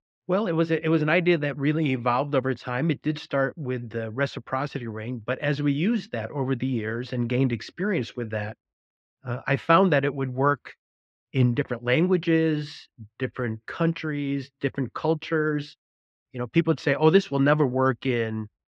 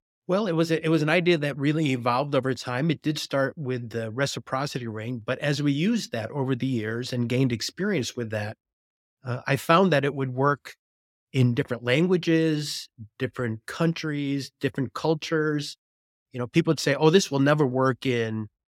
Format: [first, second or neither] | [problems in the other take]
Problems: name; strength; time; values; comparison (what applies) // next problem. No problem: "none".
second | muffled; slightly; fading above 2.5 kHz